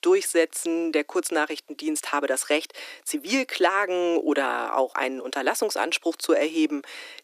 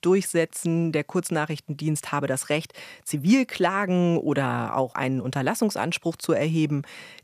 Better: second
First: thin; somewhat; fading below 300 Hz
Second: none

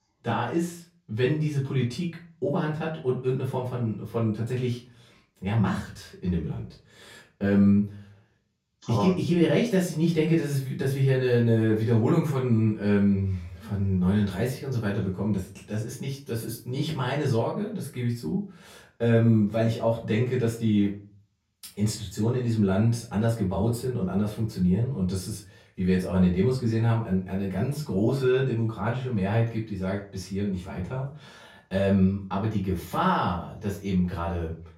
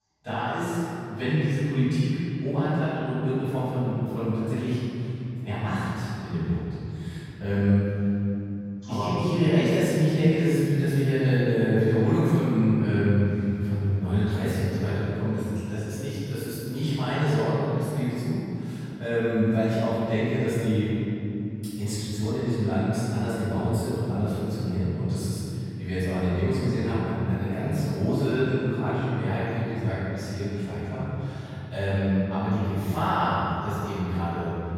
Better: first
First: room echo; slight; dies away in 0.3 s // off-mic speech; far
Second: room echo; strong; dies away in 3 s // off-mic speech; far

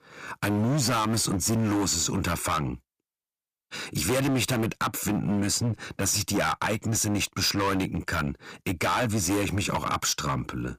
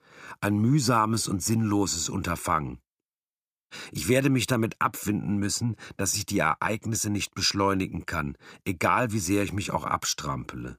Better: second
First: distortion; heavy; 17% of the sound clipped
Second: none

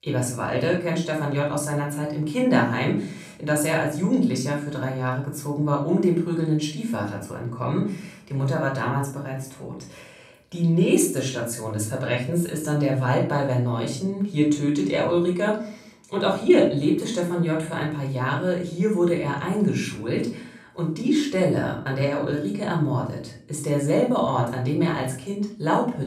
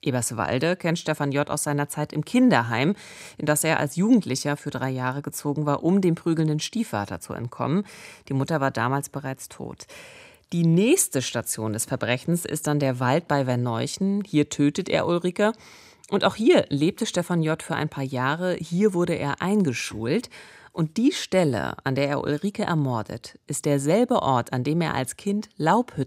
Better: second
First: off-mic speech; far // room echo; slight; dies away in 0.4 s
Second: none

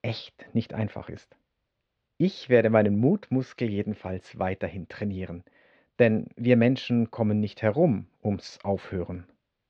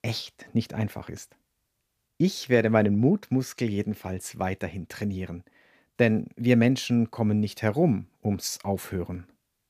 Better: second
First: muffled; slightly; fading above 4 kHz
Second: none

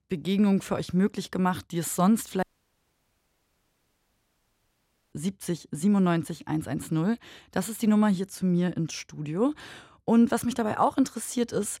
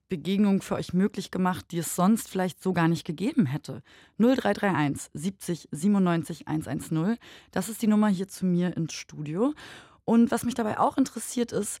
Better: second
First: audio cutting out; at 2.5 s for 2.5 s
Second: none

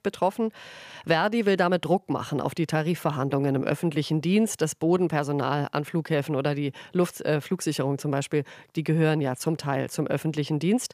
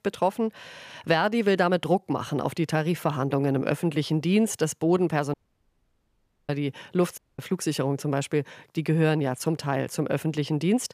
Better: first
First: none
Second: audio cutting out; at 5.5 s for 1 s and at 7 s

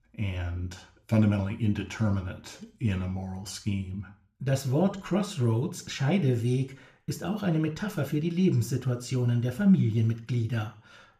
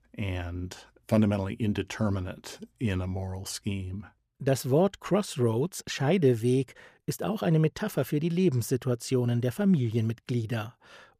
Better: second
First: room echo; very slight; dies away in 0.4 s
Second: none

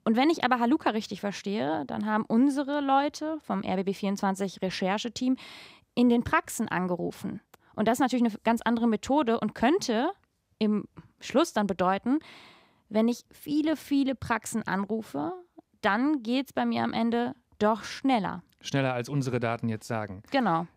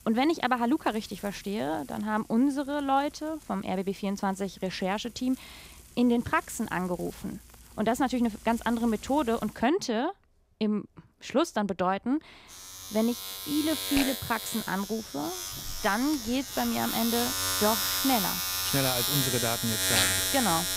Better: first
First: none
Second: household noises; very loud; throughout; 1 dB above the speech

